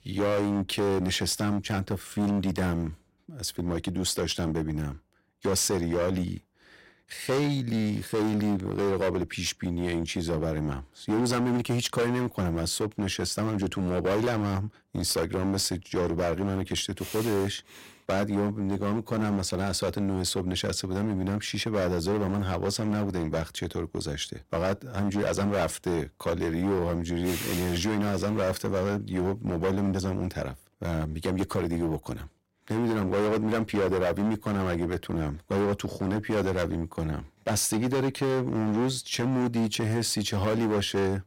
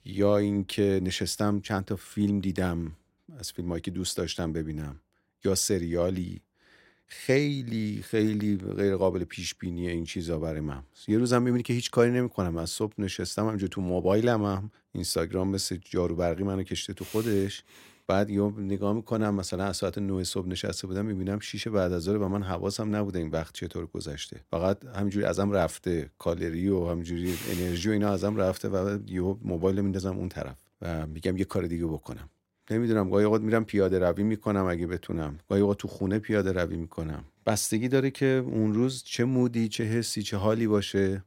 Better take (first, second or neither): second